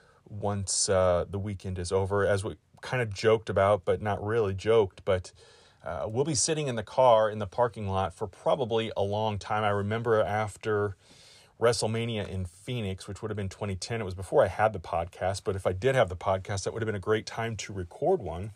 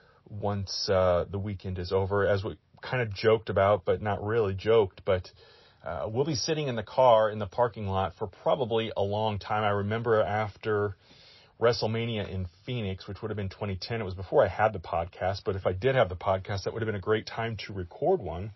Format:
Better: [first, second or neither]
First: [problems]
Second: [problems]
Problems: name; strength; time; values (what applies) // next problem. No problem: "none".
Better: first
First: none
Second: garbled, watery; slightly; nothing above 6 kHz